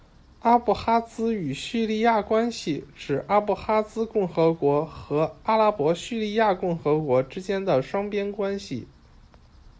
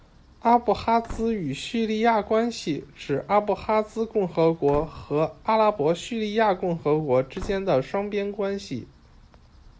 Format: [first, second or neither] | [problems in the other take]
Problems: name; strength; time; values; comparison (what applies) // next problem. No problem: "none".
first | background sound (Slam / Wood); 18 dB below the speech